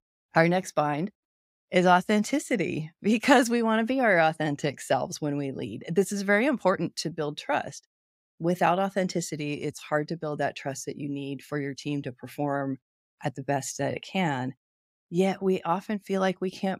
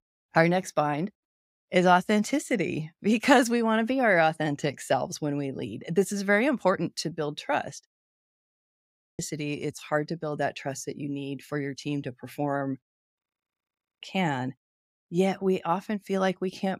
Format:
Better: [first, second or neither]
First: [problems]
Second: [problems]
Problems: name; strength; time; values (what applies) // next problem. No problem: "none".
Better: first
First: none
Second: audio freezing; at 8 s for 1 s and at 13 s for 1 s